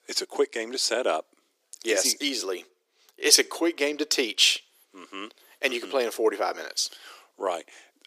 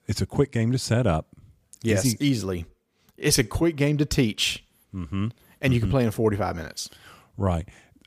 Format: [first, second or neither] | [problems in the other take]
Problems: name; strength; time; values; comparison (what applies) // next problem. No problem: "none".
second | thin; very; fading below 350 Hz